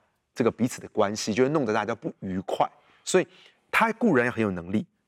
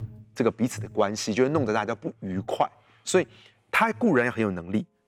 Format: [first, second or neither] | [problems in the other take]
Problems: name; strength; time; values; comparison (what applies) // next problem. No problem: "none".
first | alarms or sirens; noticeable; throughout; 20 dB below the speech